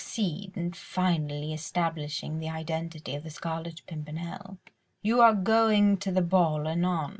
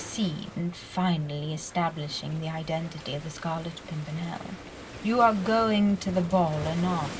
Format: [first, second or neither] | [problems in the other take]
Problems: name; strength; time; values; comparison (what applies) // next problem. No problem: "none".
first | background sound (Waves, surf); 14 dB below the speech